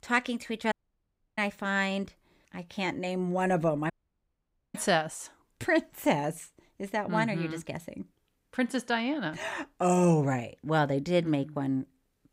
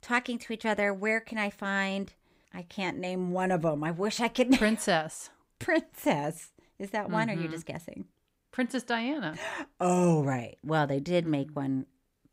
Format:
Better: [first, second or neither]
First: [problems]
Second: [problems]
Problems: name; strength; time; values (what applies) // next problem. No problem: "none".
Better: second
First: audio cutting out; at 0.5 s for 0.5 s and at 4 s for 1 s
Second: none